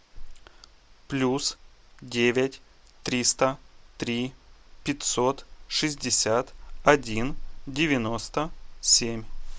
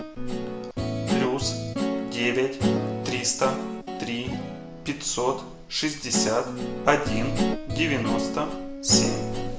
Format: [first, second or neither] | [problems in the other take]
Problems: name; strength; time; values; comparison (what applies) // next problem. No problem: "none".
first | background sound (Guitar); 1 dB below the speech // room echo; dies away in 0.6 s